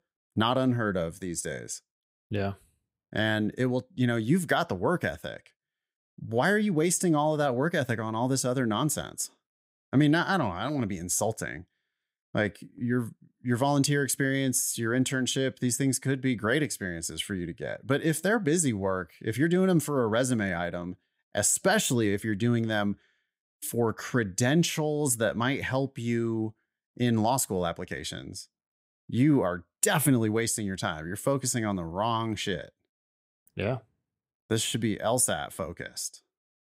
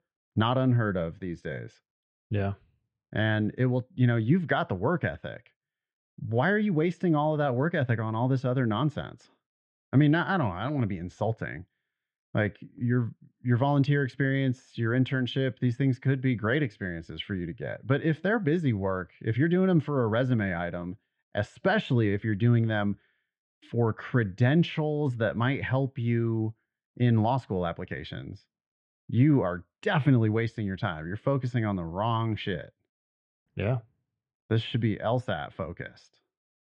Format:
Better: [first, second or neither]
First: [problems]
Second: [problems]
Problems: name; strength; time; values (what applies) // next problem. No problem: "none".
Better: first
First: none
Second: muffled; very; fading above 3 kHz